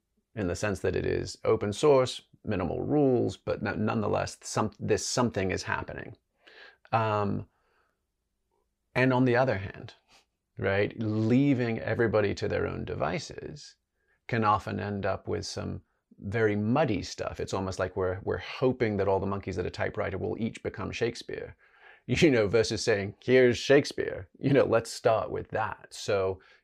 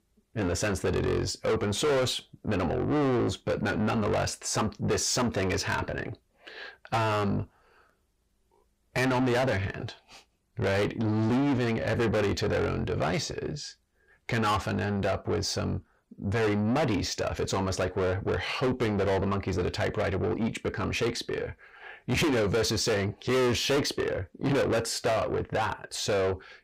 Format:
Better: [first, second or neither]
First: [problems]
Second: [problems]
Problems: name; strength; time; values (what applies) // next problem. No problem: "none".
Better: first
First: none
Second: distortion; heavy; 6 dB below the speech